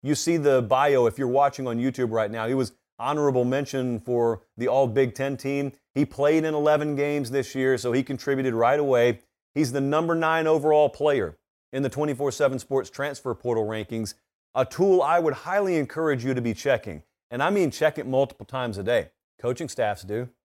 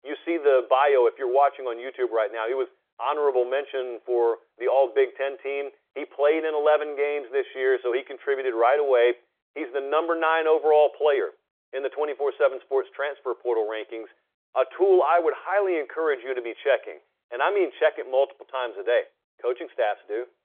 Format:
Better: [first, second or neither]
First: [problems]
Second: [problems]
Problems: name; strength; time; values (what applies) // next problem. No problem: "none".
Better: first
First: none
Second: phone-call audio; nothing above 3.5 kHz